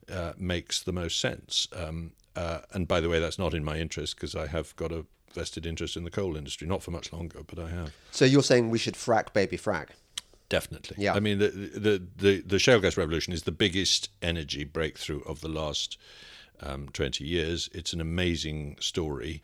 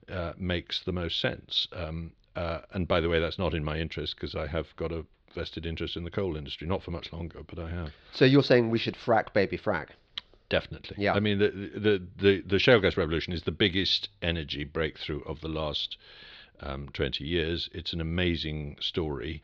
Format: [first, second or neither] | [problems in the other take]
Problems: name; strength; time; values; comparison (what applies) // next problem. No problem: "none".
first | muffled; very slightly; fading above 4 kHz